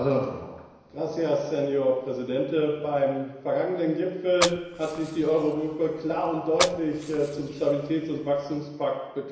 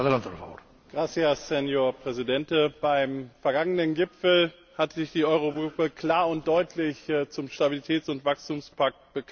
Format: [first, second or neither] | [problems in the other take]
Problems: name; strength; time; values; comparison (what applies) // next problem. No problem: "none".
second | background sound (Fire); 9 dB below the speech // room echo; dies away in 1 s